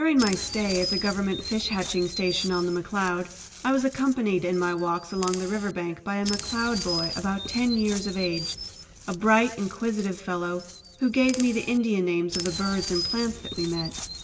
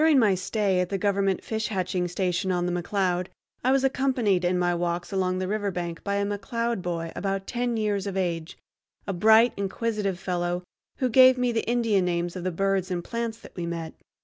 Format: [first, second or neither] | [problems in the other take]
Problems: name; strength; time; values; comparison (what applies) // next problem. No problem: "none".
second | background sound (Chirp, tweet); 10 dB below the speech // room echo; dies away in 1.4 s